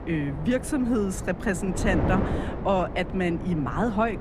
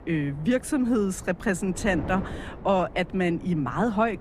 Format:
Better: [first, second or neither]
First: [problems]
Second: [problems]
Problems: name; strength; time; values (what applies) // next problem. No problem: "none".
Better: second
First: wind noise on the microphone; heavy; 8 dB below the speech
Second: wind noise on the microphone; occasional gusts; 15 dB below the speech